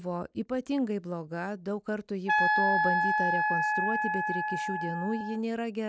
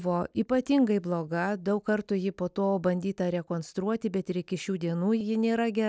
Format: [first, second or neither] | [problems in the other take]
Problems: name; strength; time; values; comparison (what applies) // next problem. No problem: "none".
second | background sound (Wind instrument, woodwind instrument); 5 dB above the speech